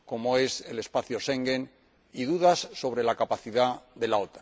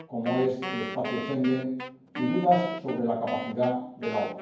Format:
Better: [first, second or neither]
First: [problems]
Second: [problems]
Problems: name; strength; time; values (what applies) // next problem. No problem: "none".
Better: first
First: none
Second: background sound (Wind instrument, woodwind instrument); 9 dB below the speech // room echo; dies away in 0.9 s